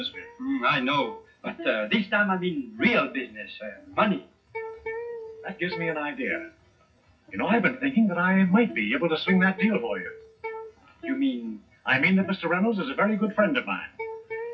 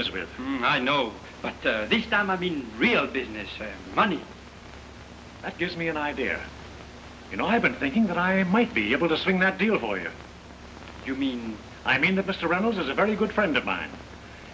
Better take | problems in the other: second | noise reduction (classical method WPE with log-MMSE)

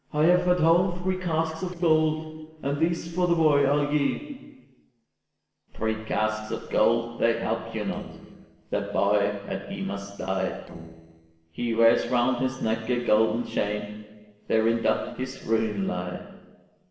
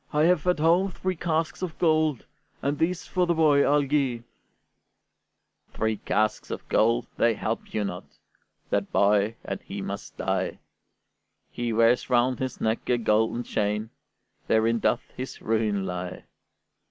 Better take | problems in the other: second | noise reduction (neural separator model SepFormer DNS4)

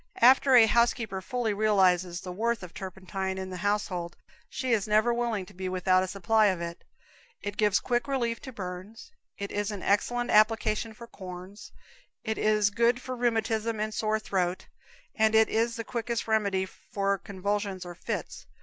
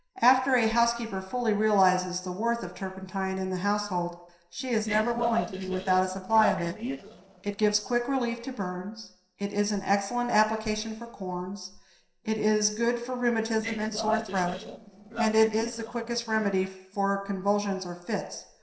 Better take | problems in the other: first | noise reduction (neural separator model SepFormer DNS4)

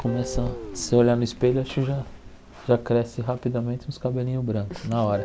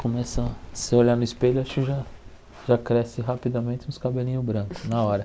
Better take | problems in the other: second | background sound (Guitar); 17 dB below the speech

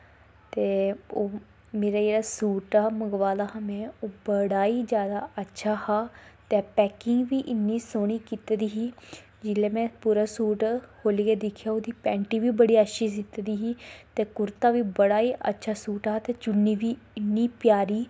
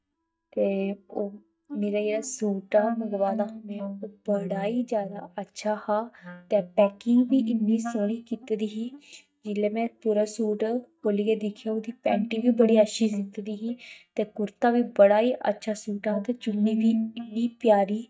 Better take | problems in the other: first | noise reduction (neural mask model DeepFilterNet 3)

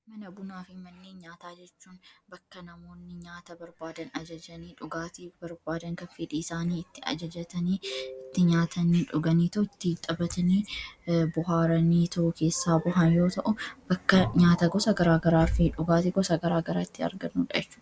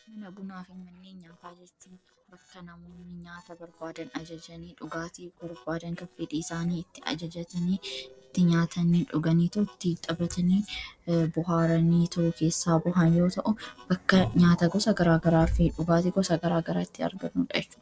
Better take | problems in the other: first | noise reduction (neural separator model SepFormer DNS4)

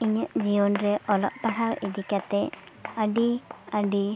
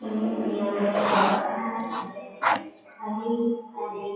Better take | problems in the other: first | noise reduction (classical method WPE with log-MMSE)

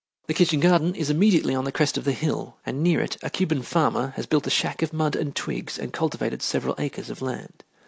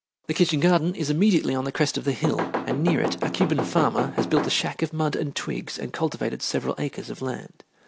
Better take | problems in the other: first | background sound (Knock / Wood); 3 dB below the speech

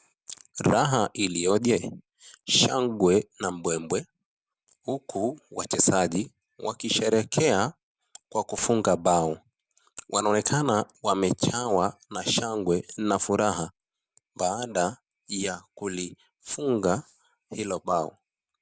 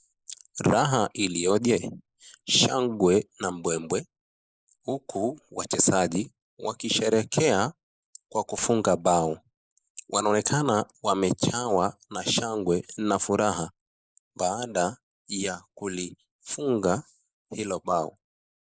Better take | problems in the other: first | noise reduction (neural mask model Resemble Enhance denoiser)

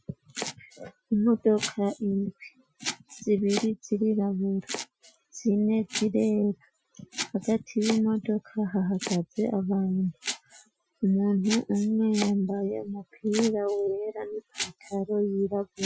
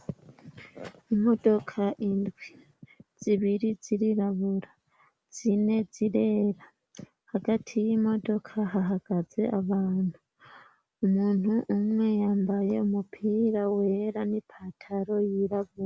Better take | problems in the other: second | noise reduction (classical method Wiener filter)

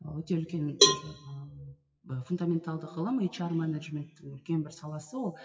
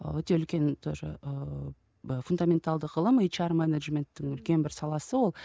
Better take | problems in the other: second | noise reduction (classical method WPE with log-MMSE)

